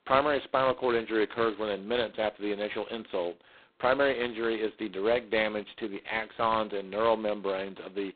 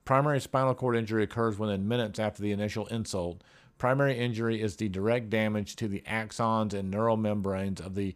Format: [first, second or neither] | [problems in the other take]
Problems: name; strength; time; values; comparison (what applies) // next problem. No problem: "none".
second | phone-call audio; poor line; nothing above 4 kHz